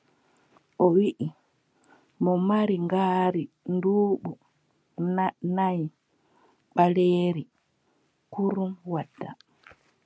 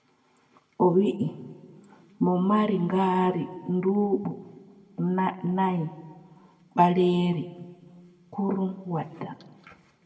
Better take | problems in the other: first | room echo; dies away in 1.2 s

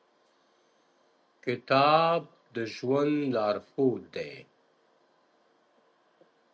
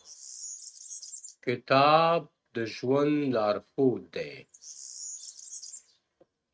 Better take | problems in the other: first | noise reduction (neural mask model RNNoise)

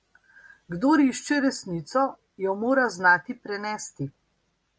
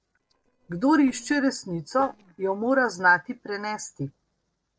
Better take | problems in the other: first | noise reduction (neural separator model SepFormer DNS4)

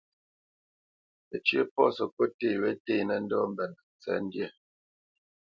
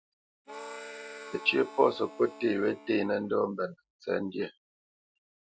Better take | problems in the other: first | background sound (Harmonica); 15 dB below the speech

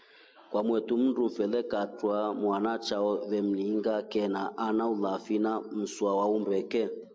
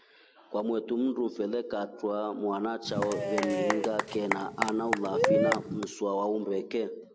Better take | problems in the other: first | background sound (Applause / Cheering / Clapping); 1 dB above the speech

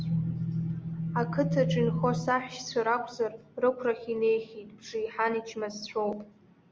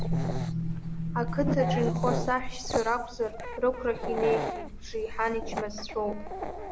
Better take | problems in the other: first | background sound (Dog); 4 dB below the speech

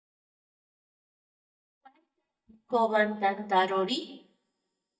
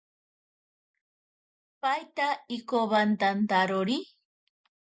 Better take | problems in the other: second | noise reduction (neural mask model DeepFilterNet 3)

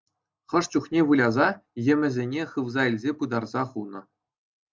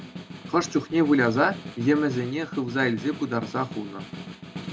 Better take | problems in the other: first | background sound (Snare drum); 13 dB below the speech

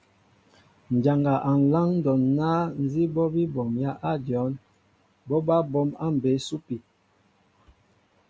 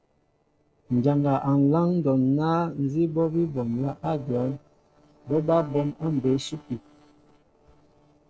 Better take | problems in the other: first | noise reduction (neural separator model SepFormer DNS4)

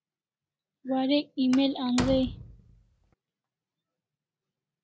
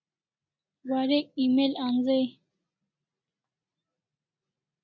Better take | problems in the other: second | background sound (Slam); 7 dB below the speech

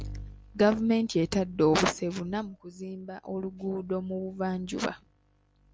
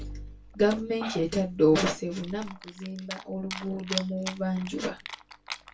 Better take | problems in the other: first | background sound (Chewing, mastication); 13 dB below the speech // room echo; dies away in 0.2 s

